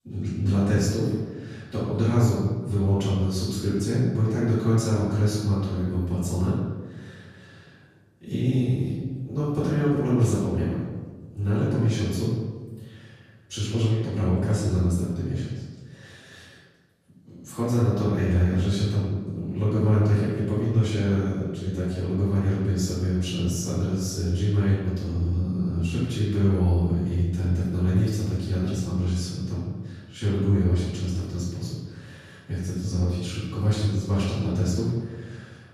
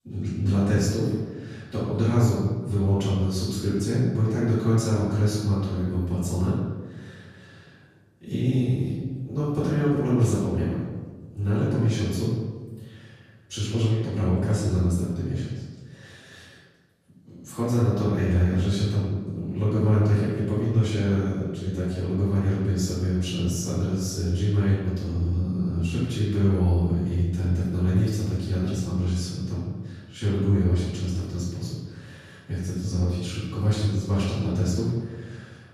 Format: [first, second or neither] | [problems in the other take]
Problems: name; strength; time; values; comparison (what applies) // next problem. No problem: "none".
neither | off-mic speech; far; the same in both // room echo; strong; dies away in 1.3 s; the same in both